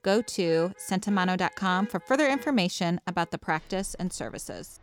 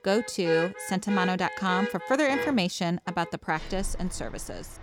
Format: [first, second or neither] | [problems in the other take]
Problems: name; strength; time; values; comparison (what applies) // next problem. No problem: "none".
first | traffic noise; loud; throughout; 7 dB below the speech; faint in the first